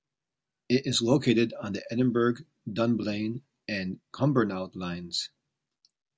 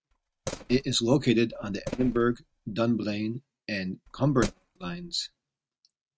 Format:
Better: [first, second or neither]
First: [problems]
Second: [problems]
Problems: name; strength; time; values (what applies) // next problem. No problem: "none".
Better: first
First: none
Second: noise reduction (neural mask model RNNoise)